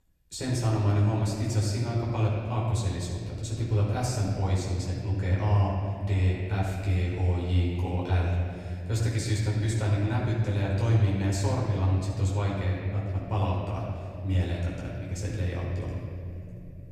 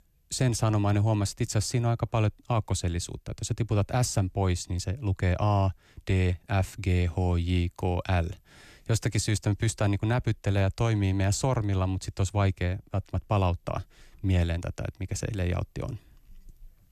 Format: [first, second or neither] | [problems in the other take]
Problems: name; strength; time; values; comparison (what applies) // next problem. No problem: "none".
second | off-mic speech; far // room echo; noticeable; dies away in 2.6 s